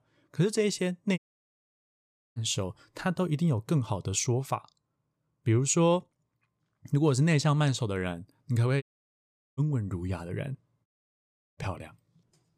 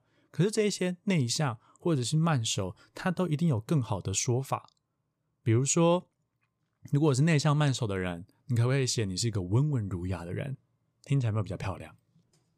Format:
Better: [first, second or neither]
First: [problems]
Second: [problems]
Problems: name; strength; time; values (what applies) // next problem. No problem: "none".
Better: second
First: audio cutting out; at 1 s for 1 s, at 9 s for 1 s and at 11 s for 0.5 s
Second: none